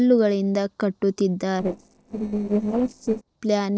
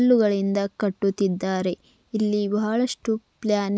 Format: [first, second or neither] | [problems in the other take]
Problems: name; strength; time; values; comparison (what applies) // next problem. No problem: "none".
second | noise reduction (neural separator model SepFormer DNS4)